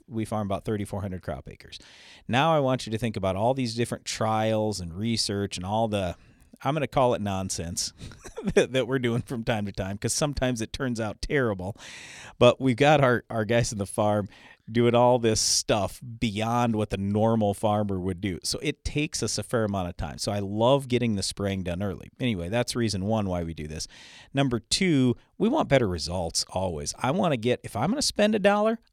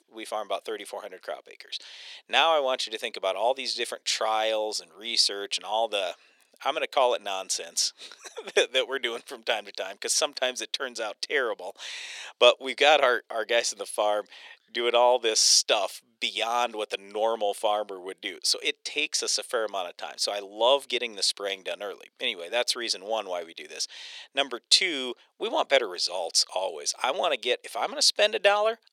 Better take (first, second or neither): first